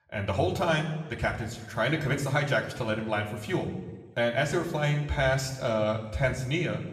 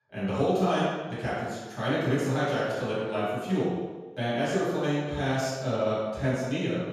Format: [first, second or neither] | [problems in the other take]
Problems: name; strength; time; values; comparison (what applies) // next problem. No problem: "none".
first | room echo; strong; dies away in 1.2 s; slight in the first // off-mic speech; far; somewhat distant in the first